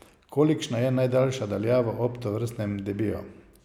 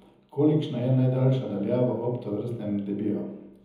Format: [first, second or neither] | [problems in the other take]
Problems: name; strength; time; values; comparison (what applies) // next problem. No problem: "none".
first | room echo; dies away in 1 s